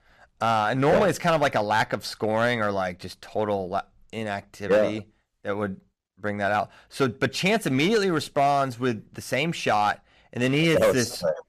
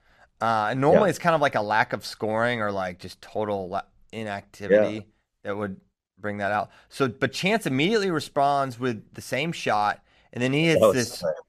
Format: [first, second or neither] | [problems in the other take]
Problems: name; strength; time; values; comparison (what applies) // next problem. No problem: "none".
second | distortion; slight; 4% of the sound clipped